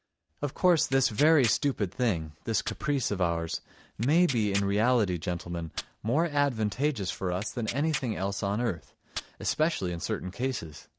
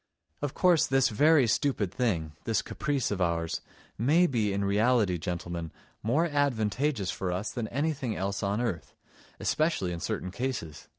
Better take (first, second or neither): second